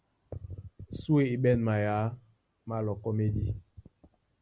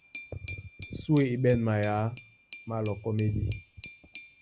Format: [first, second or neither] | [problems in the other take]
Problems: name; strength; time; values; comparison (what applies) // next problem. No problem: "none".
first | background sound (Glass); 19 dB below the speech